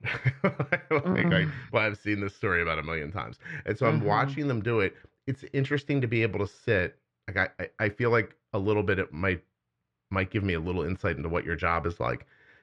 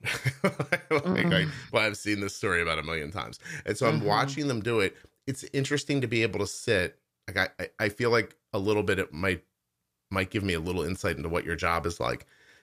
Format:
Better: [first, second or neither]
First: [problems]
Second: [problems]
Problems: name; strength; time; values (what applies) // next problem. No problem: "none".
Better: second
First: muffled; slightly; fading above 2 kHz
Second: none